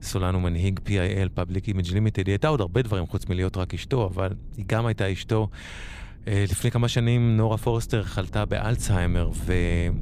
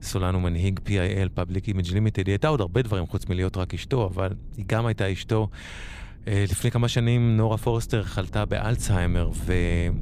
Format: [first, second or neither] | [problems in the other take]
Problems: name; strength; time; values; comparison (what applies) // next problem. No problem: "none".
neither | low rumble; faint; throughout; 20 dB below the speech; the same in both